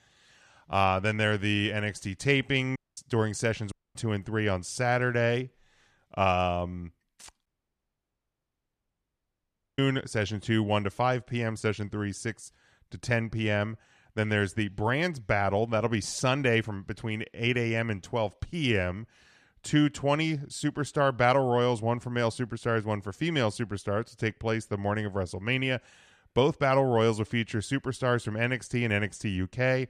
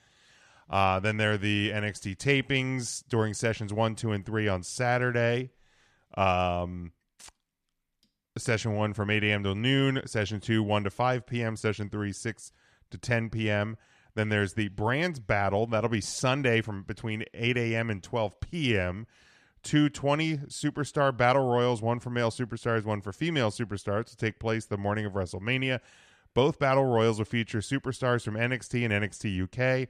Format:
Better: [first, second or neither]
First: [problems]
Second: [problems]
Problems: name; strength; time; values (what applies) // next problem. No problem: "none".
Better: second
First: audio cutting out; at 3 s, at 3.5 s and at 7.5 s for 2.5 s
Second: none